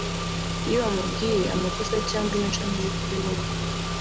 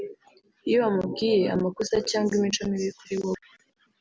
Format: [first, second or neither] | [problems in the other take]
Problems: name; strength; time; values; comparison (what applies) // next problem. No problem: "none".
second | background sound (Engine / Car); as loud as the speech